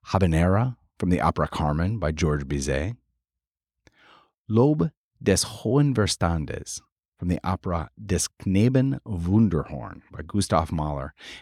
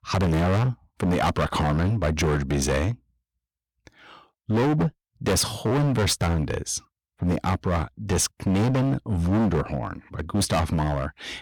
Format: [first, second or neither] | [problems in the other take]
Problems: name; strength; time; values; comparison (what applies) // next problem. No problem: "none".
first | distortion; heavy; 20% of the sound clipped